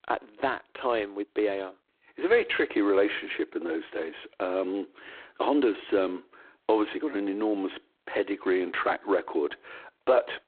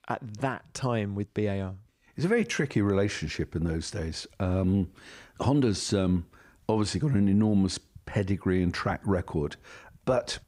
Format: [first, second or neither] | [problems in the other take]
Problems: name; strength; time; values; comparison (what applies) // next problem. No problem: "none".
second | phone-call audio; poor line; nothing above 4 kHz